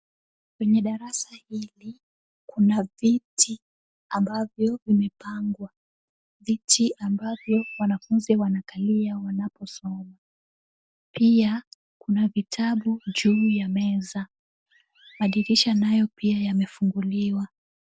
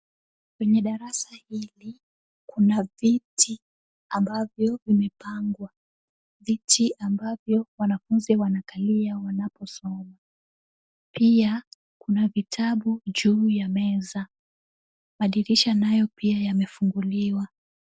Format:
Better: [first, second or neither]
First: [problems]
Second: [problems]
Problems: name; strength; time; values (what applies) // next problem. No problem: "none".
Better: second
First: background sound (Chirp, tweet); 19 dB below the speech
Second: none